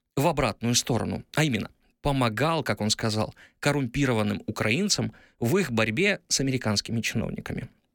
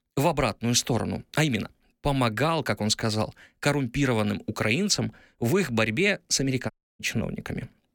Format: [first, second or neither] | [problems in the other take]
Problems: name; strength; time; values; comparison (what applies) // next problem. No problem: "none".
first | audio cutting out; at 6.5 s